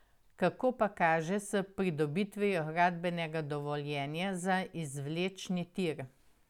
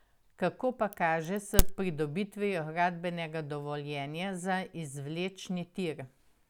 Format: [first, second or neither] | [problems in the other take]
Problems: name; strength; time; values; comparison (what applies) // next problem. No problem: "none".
first | background sound (Crack); 4 dB above the speech